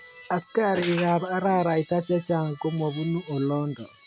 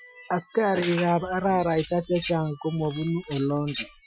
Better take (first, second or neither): first